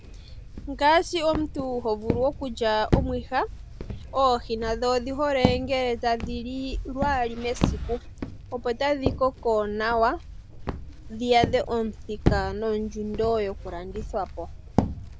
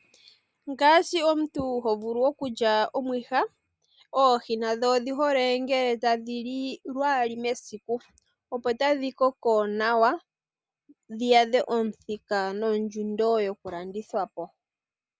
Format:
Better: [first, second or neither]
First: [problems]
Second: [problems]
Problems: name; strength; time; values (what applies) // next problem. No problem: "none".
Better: second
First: background sound (Walk, footsteps); 5 dB below the speech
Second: none